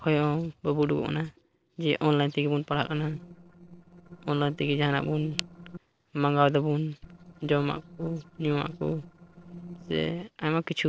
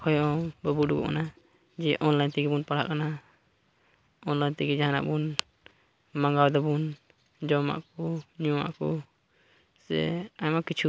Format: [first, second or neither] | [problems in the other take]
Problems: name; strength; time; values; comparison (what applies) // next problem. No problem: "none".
second | noise reduction (neural separator model SepFormer DNS4)